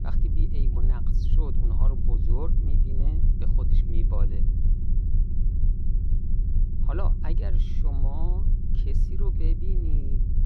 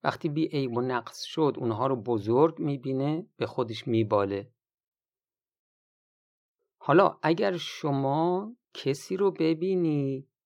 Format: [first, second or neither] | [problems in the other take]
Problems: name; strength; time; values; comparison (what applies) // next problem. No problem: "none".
second | low rumble; loud; throughout; 1 dB below the speech